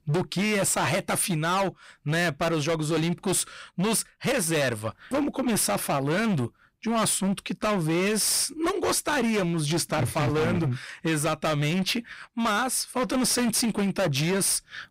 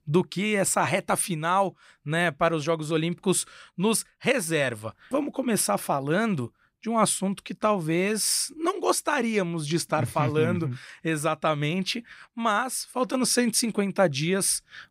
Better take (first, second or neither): second